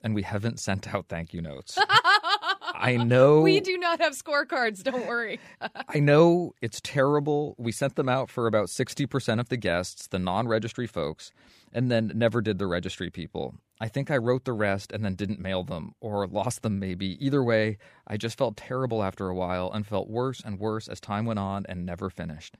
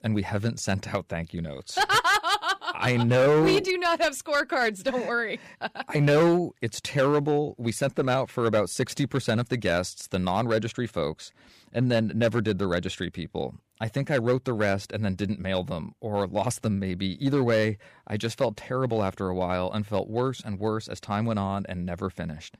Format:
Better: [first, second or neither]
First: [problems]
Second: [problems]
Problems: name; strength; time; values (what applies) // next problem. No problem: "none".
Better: first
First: none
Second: distortion; slight; 4% of the sound clipped